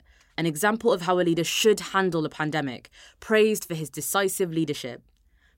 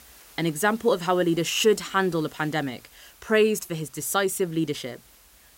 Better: first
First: none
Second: hiss; faint; throughout; 25 dB below the speech

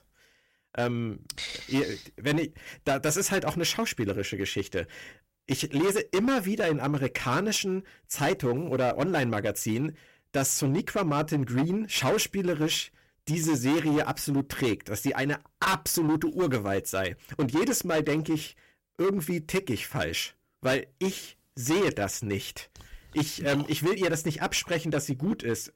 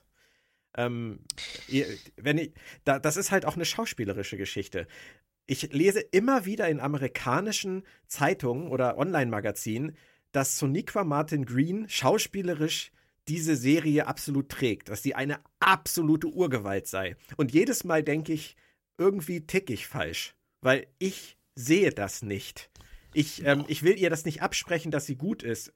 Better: second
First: distortion; heavy; 10% of the sound clipped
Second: none

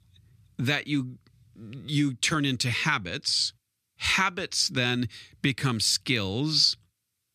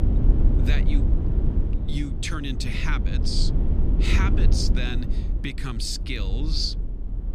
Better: first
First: none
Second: low rumble; loud; throughout; 7 dB below the speech

